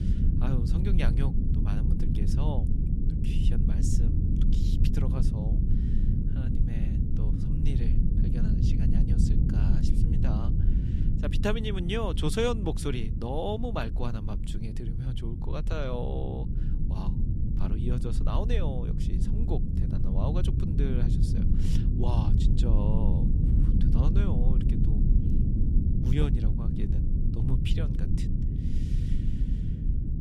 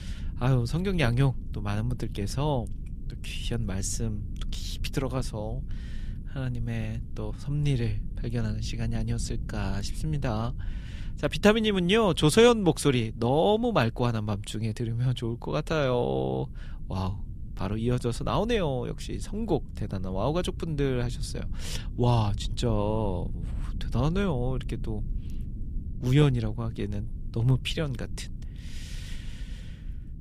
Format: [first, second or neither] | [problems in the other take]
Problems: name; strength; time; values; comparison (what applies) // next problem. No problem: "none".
second | low rumble; loud; throughout; 3 dB below the speech; faint in the second